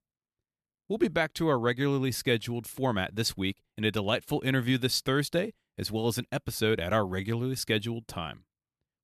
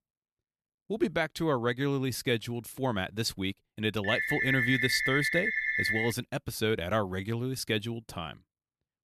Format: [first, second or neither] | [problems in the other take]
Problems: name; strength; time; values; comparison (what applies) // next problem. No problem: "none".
first | phone ringing; loud; from 4 to 6 s; peak 4 dB above the speech